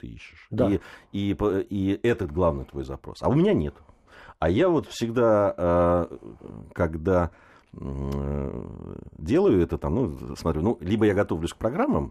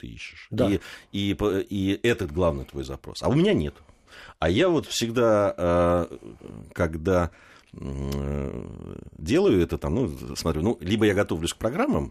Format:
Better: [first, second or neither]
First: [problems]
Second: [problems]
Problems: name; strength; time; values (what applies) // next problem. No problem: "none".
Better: second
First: muffled; slightly; fading above 2 kHz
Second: none